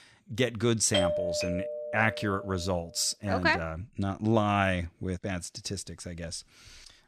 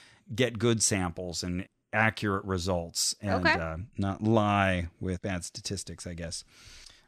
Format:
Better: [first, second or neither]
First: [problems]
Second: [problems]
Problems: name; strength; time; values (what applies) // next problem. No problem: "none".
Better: second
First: doorbell; loud; from 1 to 2.5 s; peak 1 dB above the speech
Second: none